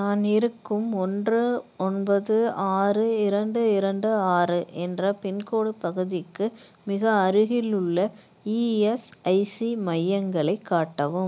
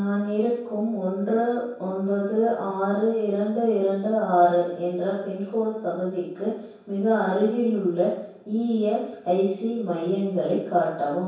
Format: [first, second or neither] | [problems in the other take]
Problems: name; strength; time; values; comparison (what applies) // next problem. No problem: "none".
first | room echo; dies away in 0.7 s